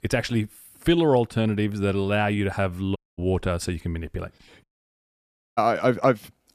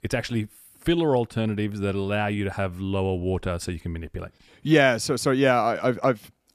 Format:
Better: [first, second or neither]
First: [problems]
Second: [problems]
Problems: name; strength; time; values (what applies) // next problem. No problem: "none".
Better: second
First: audio cutting out; at 3 s and at 4.5 s for 1 s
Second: none